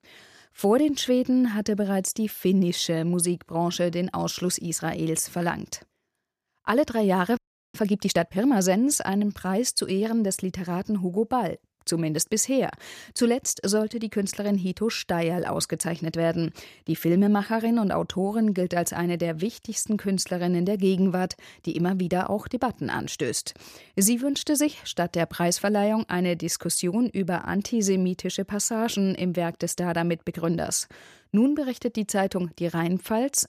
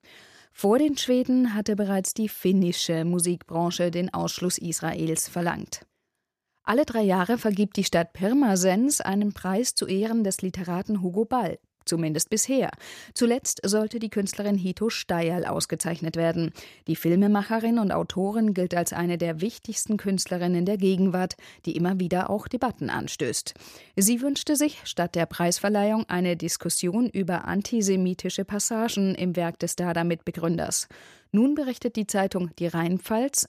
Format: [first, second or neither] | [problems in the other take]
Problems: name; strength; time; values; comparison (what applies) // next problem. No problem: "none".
second | audio freezing; at 7.5 s